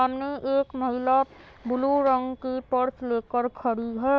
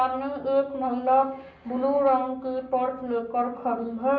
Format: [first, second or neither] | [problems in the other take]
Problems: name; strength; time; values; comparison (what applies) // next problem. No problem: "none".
first | room echo; dies away in 0.6 s